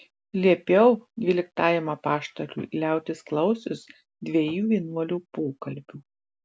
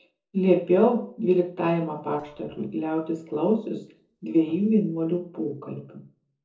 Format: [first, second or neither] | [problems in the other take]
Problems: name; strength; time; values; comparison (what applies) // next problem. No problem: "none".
first | noise reduction (neural separator model SepFormer DNS4)